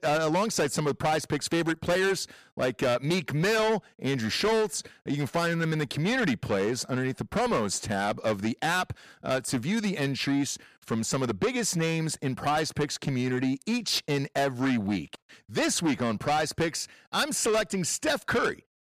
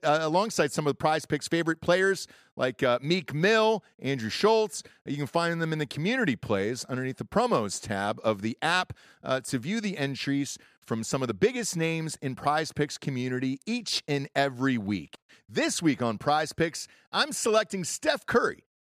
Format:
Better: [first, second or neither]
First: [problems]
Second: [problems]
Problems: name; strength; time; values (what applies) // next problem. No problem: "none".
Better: second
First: distortion; heavy; 7 dB below the speech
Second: none